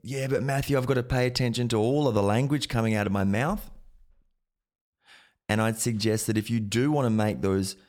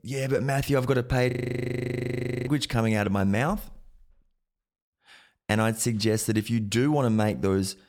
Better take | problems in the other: first | audio freezing; at 1.5 s for 1 s

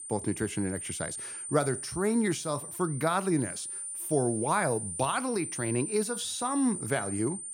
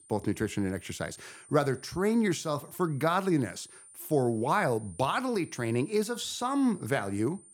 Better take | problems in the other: second | high-pitched whine; loud; throughout; 9 kHz, 6 dB below the speech; faint in the second

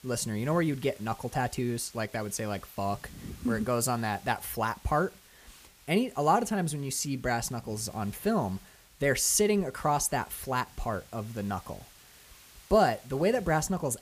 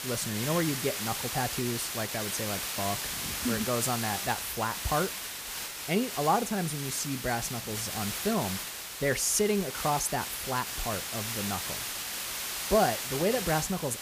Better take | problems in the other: first | hiss; loud; throughout; 2 dB below the speech; faint in the first

